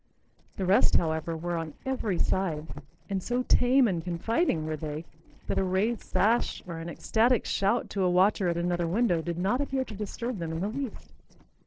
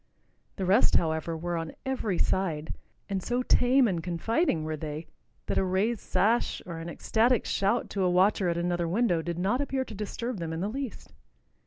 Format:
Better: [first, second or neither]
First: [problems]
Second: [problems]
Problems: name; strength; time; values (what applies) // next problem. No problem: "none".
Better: second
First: noise reduction (neural separator model SepFormer DNS4)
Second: none